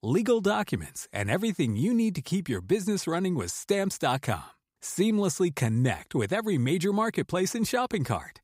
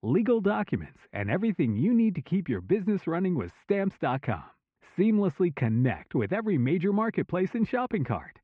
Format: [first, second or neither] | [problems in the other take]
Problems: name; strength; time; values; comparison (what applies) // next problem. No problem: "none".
first | muffled; very; fading above 2.5 kHz